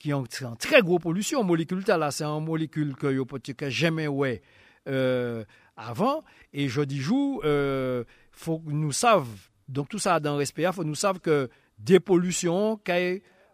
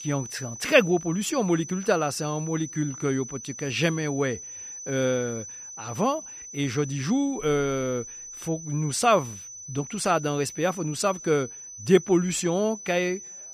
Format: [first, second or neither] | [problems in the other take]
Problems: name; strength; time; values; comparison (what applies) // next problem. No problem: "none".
first | high-pitched whine; noticeable; throughout; 6 kHz, 10 dB below the speech